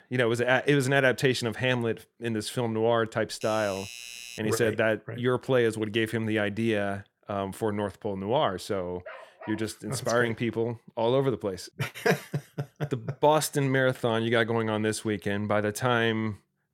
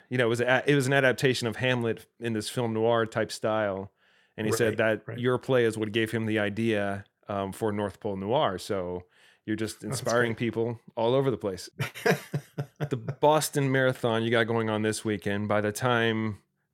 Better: second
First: doorbell; faint; from 3.5 to 4.5 s; peak 10 dB below the speech // dog barking; faint; at 9 s; peak 15 dB below the speech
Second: none

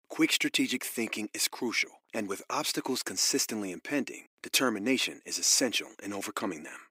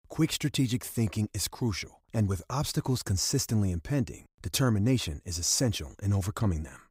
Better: second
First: thin; somewhat; fading below 300 Hz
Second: none

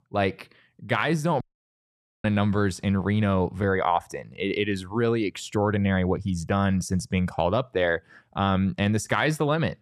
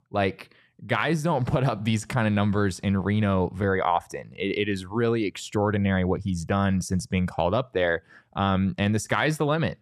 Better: second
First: audio cutting out; at 1.5 s for 1 s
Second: none

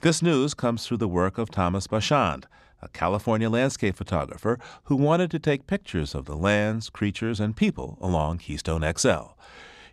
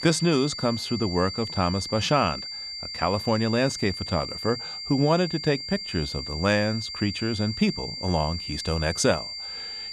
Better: first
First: none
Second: high-pitched whine; loud; throughout; 4.5 kHz, 7 dB below the speech

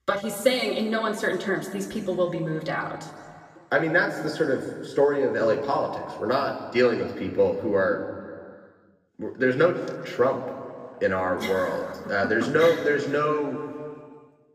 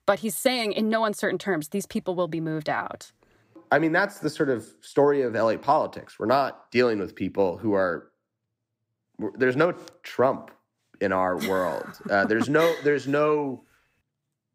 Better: second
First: room echo; slight; dies away in 1.8 s // off-mic speech; somewhat distant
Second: none

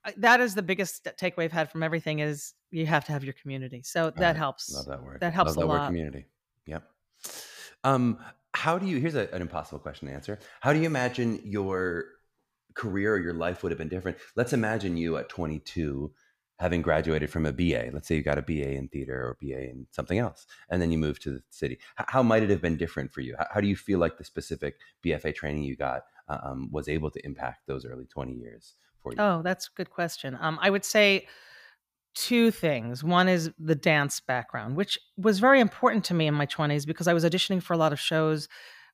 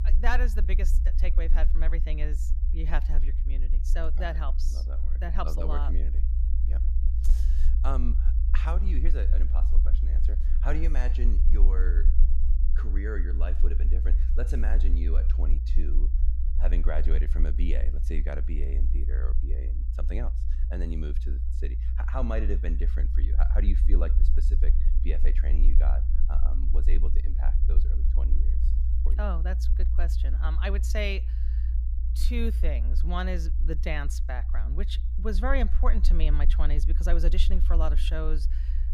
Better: first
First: none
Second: low rumble; noticeable; throughout; 10 dB below the speech

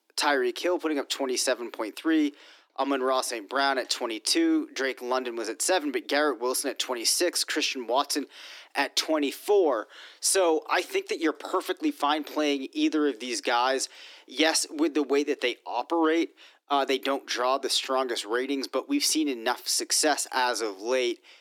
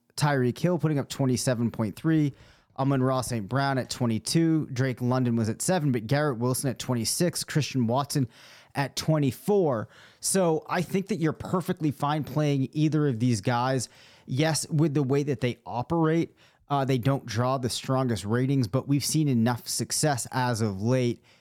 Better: second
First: thin; somewhat; fading below 300 Hz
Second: none

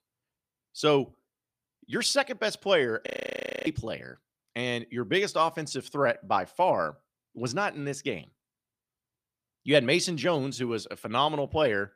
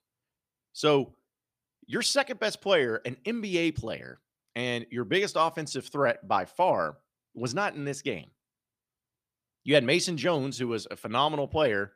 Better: second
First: audio freezing; at 3 s for 0.5 s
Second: none

